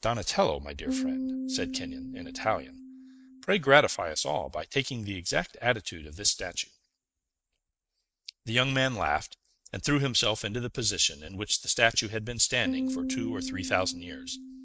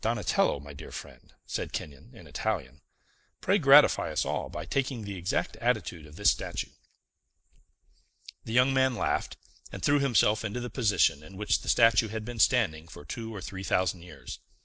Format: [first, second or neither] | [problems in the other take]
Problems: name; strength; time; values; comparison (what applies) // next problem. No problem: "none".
second | noise reduction (neural mask model RNNoise)